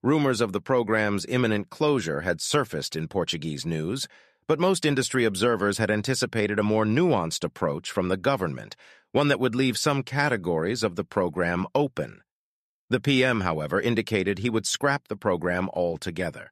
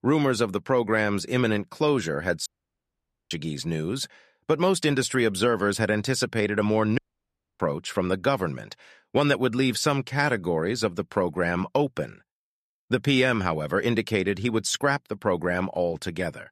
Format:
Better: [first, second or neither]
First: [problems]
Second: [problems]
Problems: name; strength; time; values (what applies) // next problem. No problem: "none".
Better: first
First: none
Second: audio cutting out; at 2.5 s for 1 s and at 7 s for 0.5 s